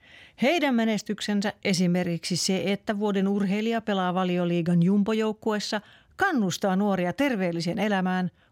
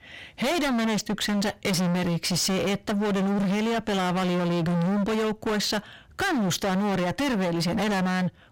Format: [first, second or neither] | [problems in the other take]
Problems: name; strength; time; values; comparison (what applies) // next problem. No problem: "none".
first | distortion; heavy; 44% of the sound clipped